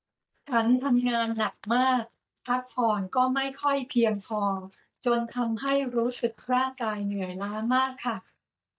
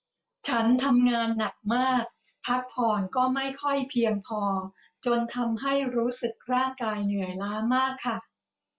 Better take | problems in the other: second | noise reduction (neural mask model DeepFilterNet 3)

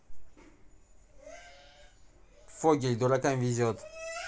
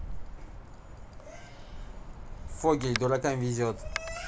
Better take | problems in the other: first | background sound (Wind); 8 dB below the speech

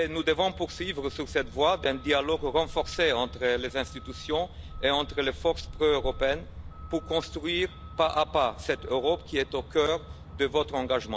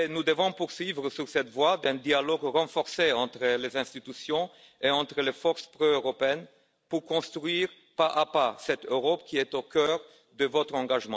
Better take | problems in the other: second | background sound (Truck); 13 dB below the speech

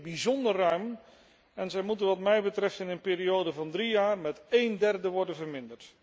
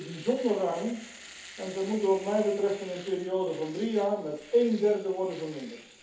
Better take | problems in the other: first | background sound (Domestic sounds, home sounds); 19 dB below the speech // room echo; dies away in 0.5 s

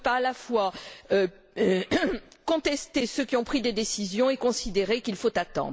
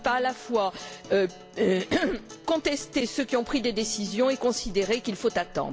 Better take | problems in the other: first | background sound (Acoustic guitar); 18 dB below the speech

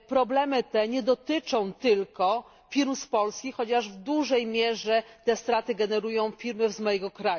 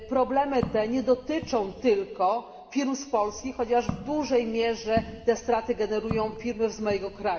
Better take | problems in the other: first | background sound (Walk, footsteps); 14 dB below the speech // room echo; dies away in 1.8 s

